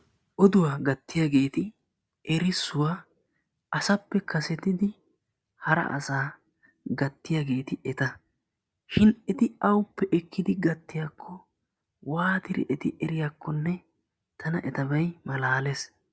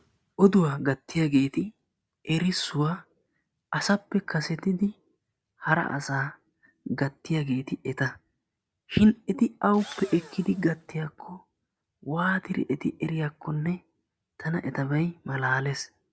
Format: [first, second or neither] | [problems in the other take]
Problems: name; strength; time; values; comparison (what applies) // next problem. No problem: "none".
first | background sound (Engine / Drill); 19 dB below the speech